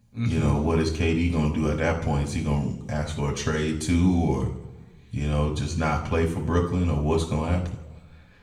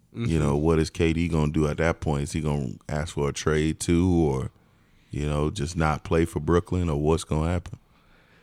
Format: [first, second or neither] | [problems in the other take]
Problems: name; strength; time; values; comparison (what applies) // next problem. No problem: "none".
second | room echo; slight; dies away in 0.7 s // off-mic speech; somewhat distant